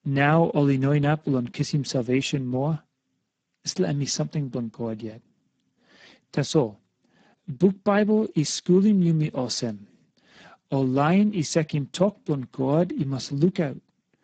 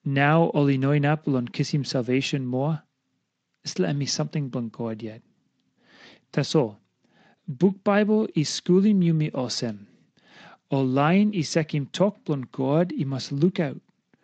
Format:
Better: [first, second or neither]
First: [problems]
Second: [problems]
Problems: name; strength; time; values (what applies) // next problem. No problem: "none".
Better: second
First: garbled, watery; badly; nothing above 7.5 kHz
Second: garbled, watery; slightly; nothing above 7.5 kHz